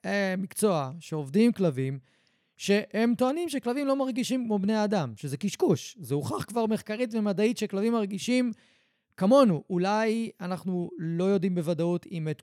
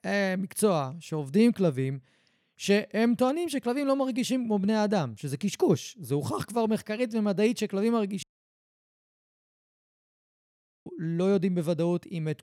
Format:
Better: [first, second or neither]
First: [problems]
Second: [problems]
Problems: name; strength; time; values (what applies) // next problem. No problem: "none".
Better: first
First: none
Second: audio cutting out; at 8 s for 2.5 s